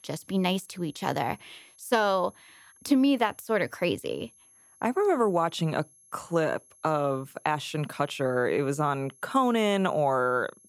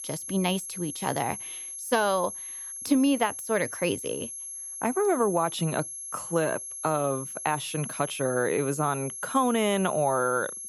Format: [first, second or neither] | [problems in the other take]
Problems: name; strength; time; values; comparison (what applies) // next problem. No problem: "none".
first | high-pitched whine; loud; throughout; 11 kHz, 8 dB below the speech; faint in the first